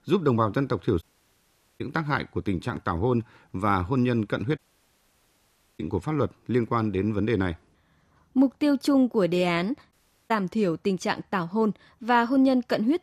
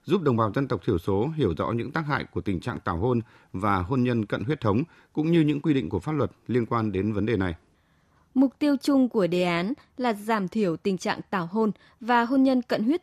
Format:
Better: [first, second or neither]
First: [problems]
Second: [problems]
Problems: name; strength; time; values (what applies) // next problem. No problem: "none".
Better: second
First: audio cutting out; at 1 s for 1 s, at 4.5 s for 1 s and at 10 s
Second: none